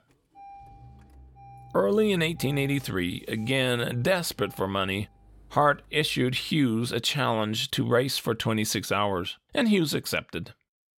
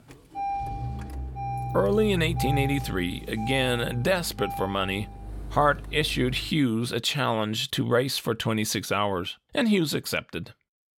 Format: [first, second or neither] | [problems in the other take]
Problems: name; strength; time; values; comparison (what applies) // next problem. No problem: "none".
first | traffic noise; loud; until 6.5 s; 8 dB below the speech; faint in the first